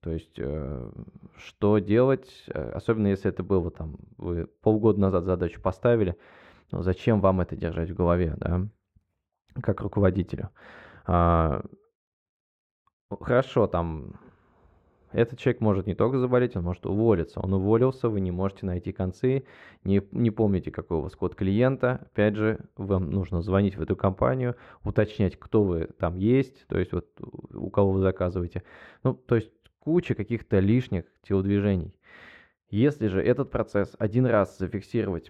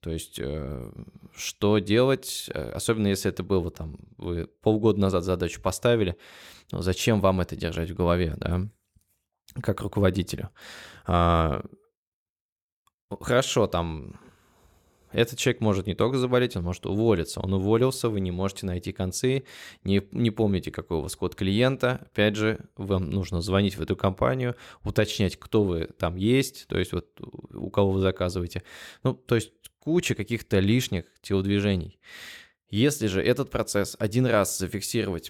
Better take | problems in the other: second | muffled; very; fading above 3.5 kHz

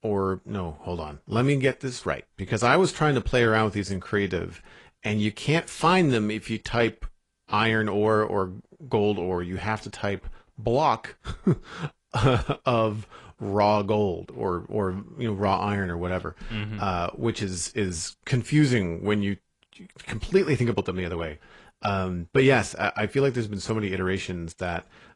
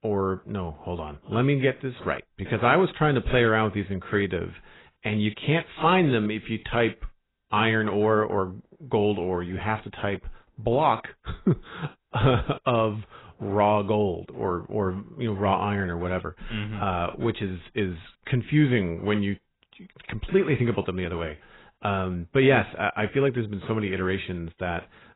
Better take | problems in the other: first | garbled, watery; badly; nothing above 4 kHz; slightly in the first

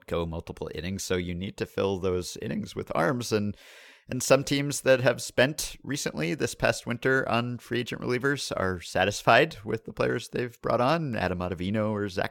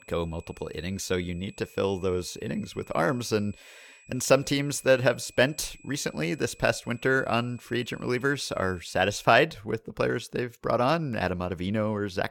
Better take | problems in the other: first | high-pitched whine; faint; until 9.5 s; 2.5 kHz, 25 dB below the speech

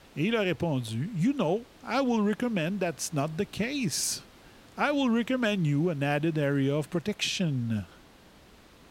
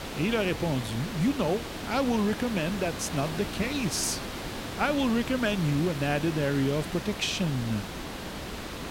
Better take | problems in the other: first | hiss; loud; throughout; 7 dB below the speech; faint in the first

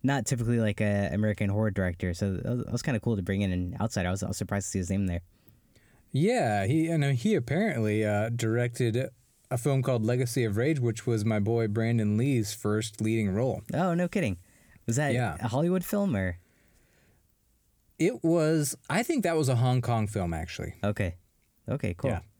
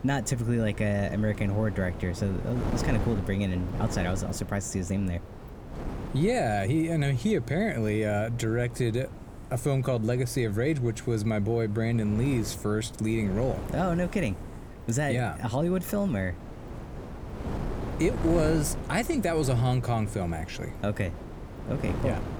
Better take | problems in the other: first | wind noise on the microphone; occasional gusts; 10 dB below the speech

